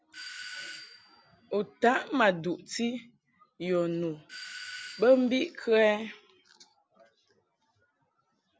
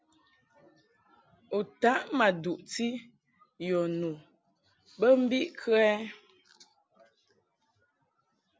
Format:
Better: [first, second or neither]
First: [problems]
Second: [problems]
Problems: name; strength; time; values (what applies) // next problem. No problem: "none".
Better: second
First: background sound (Doorbell); 15 dB below the speech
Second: none